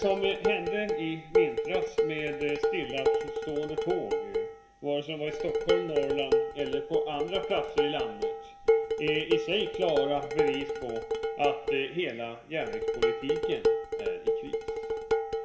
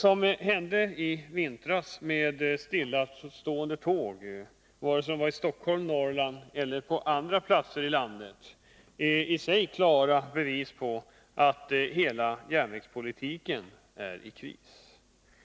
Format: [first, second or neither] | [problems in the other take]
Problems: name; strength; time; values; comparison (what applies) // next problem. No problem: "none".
second | background sound (Dishes, pots, and pans); 3 dB above the speech // room echo; dies away in 0.7 s